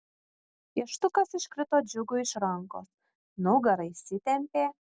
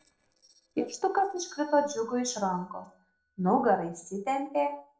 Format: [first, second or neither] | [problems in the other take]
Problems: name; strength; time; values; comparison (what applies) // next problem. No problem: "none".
first | noise reduction (neural separator model SepFormer DNS4)